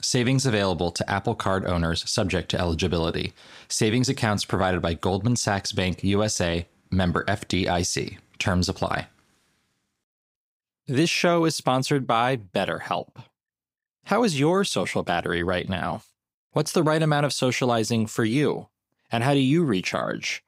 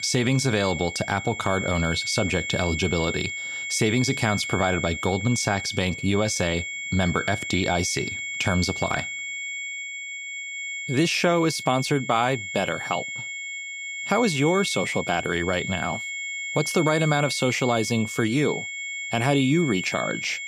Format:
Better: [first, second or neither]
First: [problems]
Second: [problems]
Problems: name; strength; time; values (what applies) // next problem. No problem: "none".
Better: first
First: none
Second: high-pitched whine; loud; throughout; 2 kHz, 6 dB below the speech